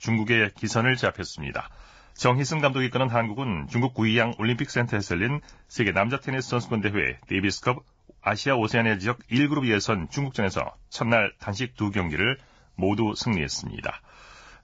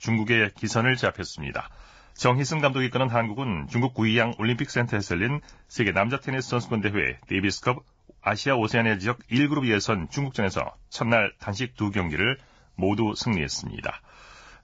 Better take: neither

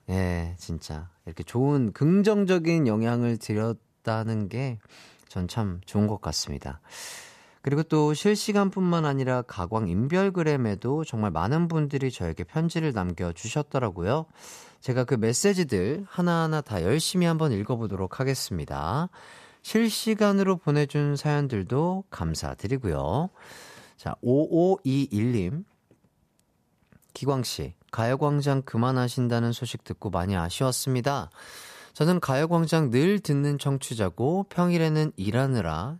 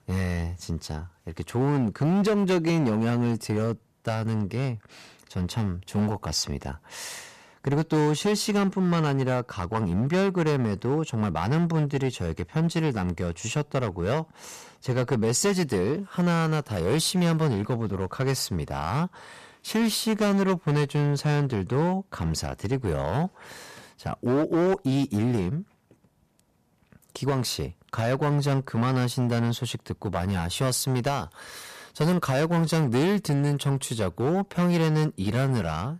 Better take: first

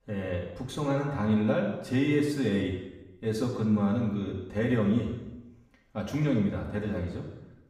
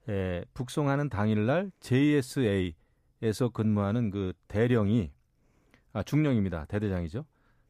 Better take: second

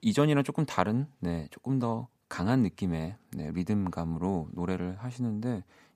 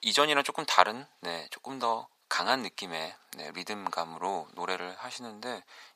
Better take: first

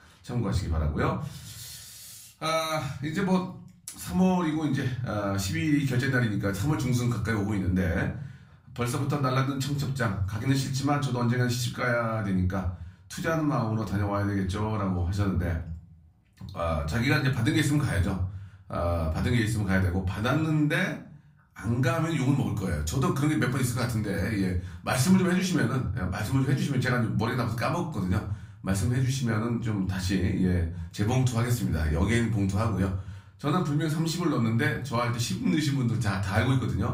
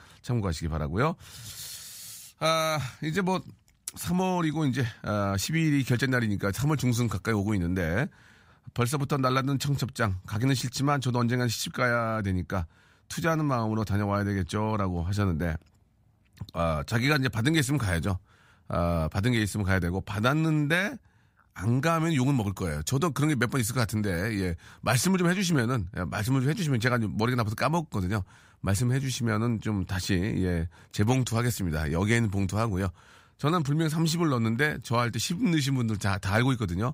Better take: second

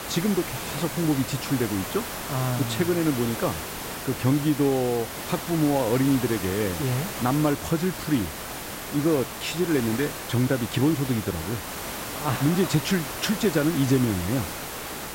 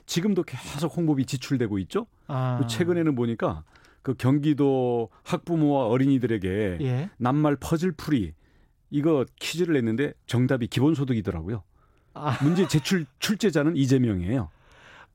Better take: second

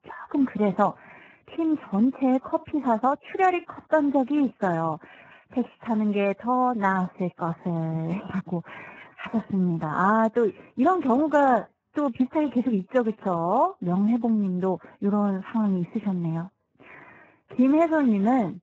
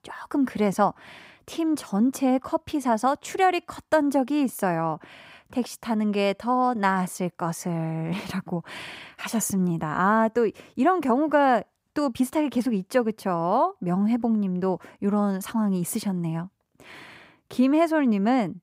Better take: second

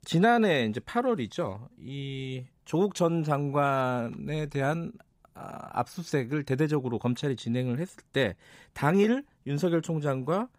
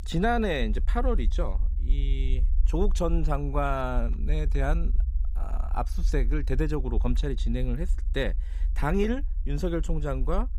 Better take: first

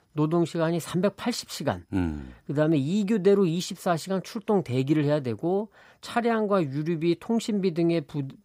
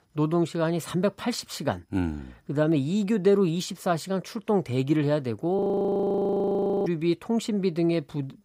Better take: first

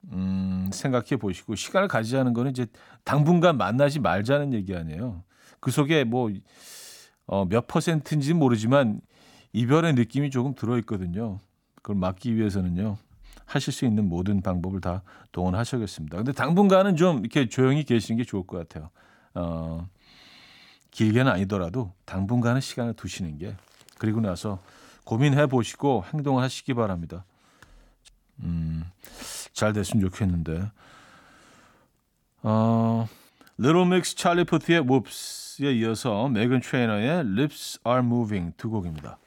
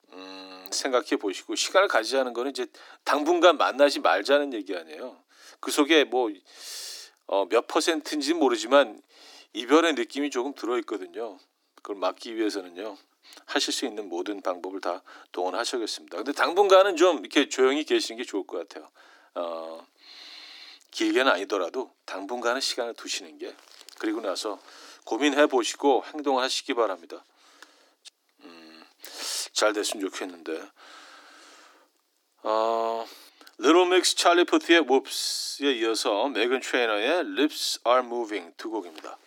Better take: first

